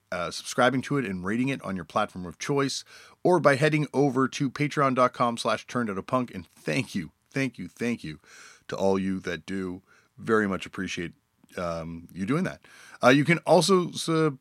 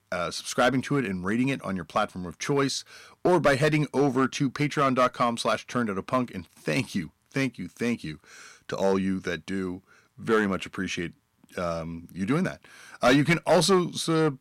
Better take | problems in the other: first | distortion; slight; 2% of the sound clipped

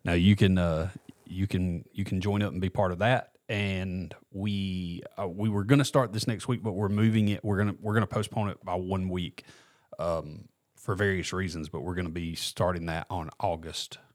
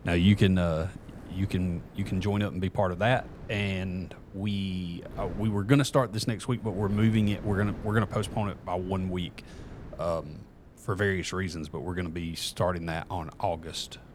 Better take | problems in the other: first | wind noise on the microphone; occasional gusts; 20 dB below the speech

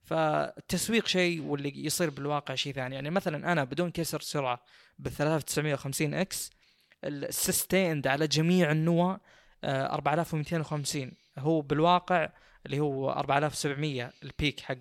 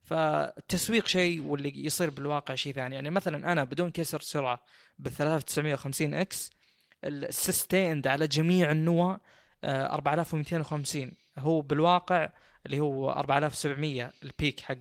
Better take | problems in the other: first | garbled, watery; slightly; nothing above 15.5 kHz

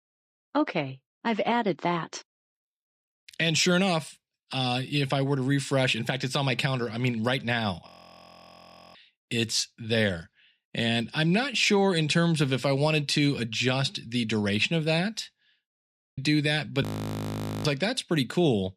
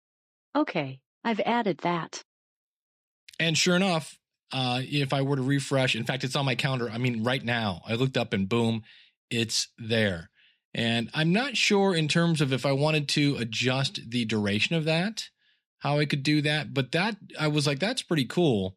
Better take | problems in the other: second | audio freezing; at 8 s for 1 s, at 16 s and at 17 s for 1 s

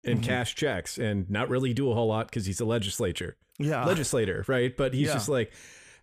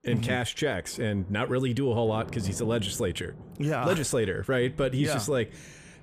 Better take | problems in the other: first | rain or running water; noticeable; throughout; 15 dB below the speech

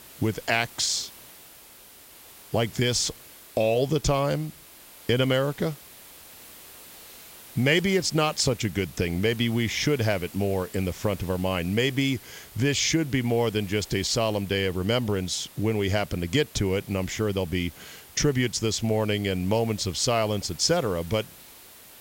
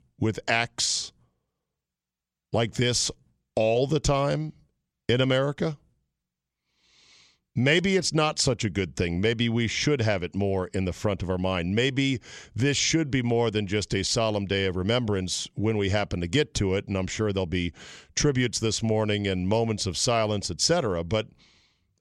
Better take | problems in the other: second | hiss; noticeable; throughout; 20 dB below the speech

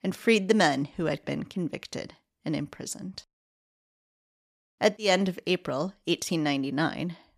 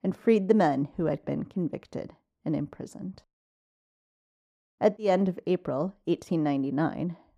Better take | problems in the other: first | muffled; very; fading above 1.5 kHz

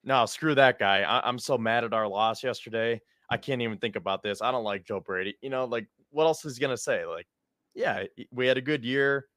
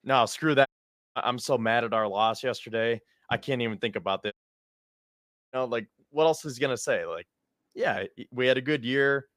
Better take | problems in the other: first | audio cutting out; at 0.5 s and at 4.5 s for 1 s

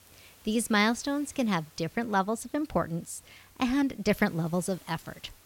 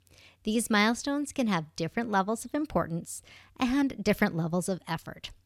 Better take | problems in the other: second | hiss; faint; throughout; 25 dB below the speech

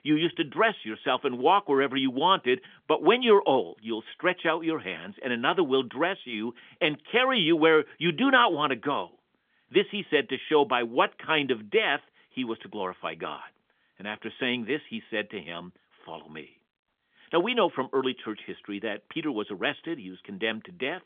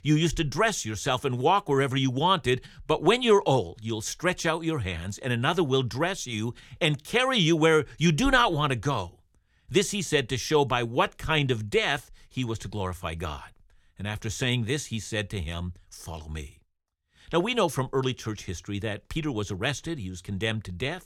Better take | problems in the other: second | phone-call audio; nothing above 3.5 kHz

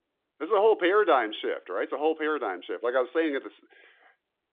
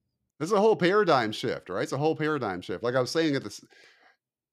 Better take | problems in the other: second | phone-call audio; nothing above 3.5 kHz

